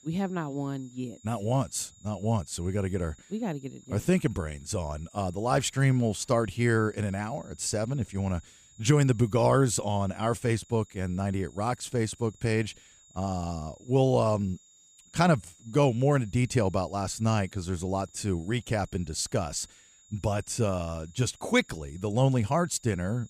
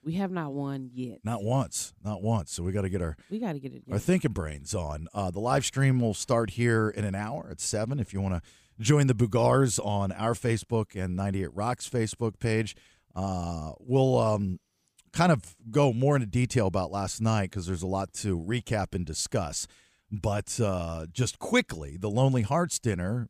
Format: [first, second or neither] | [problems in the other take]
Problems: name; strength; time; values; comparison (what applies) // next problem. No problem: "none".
second | high-pitched whine; faint; throughout; 7 kHz, 25 dB below the speech